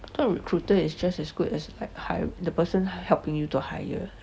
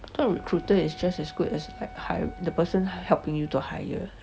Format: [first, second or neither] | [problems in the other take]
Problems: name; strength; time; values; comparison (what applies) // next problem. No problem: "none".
first | background sound (Wind instrument, woodwind instrument); 20 dB below the speech